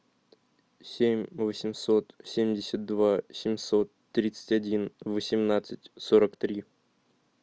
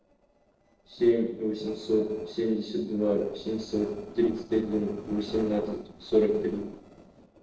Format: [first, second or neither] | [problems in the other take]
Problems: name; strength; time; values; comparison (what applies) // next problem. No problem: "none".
first | noise reduction (neural separator model SepFormer DNS4)